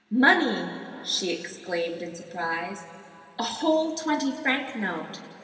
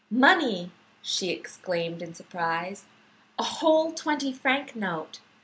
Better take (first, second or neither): second